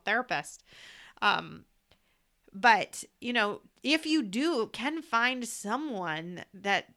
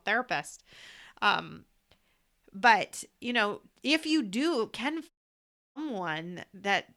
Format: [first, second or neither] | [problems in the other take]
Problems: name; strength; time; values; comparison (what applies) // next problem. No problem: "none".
first | audio cutting out; at 5 s for 0.5 s